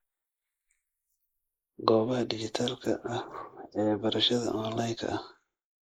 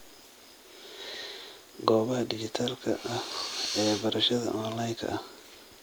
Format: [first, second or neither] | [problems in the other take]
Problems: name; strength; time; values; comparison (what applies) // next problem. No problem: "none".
second | noise reduction (neural mask model Resemble Enhance denoiser)